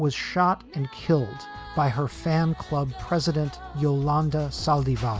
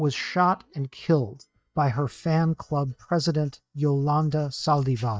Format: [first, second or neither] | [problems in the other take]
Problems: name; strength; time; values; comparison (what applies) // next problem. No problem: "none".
first | noise reduction (neural mask model DeepFilterNet 3)